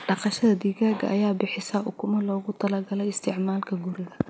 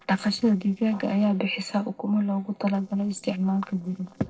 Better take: first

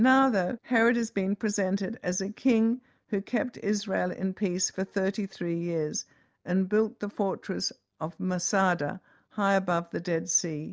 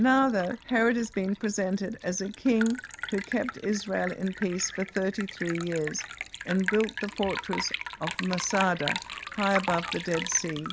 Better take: first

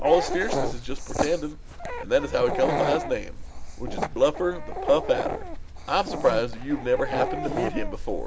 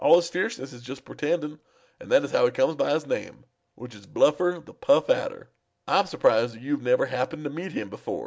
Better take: second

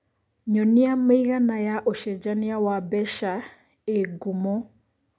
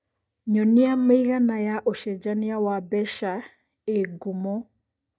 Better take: first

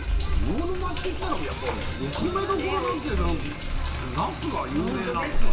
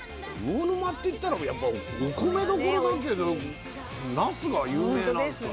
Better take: second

